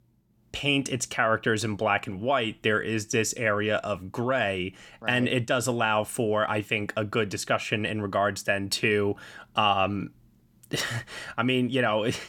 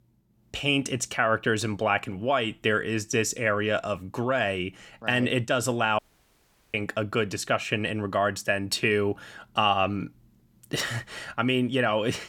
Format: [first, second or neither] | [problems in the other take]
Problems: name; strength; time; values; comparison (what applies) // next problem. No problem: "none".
first | audio cutting out; at 6 s for 1 s